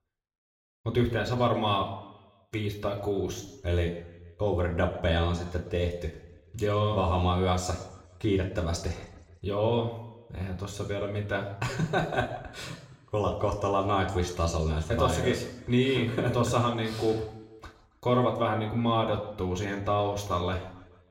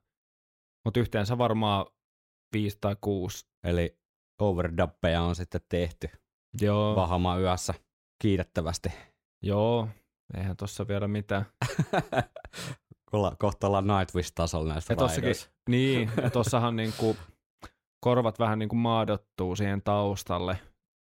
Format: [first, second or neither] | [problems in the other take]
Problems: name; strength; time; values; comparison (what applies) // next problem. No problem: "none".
second | room echo; slight; dies away in 0.8 s // off-mic speech; somewhat distant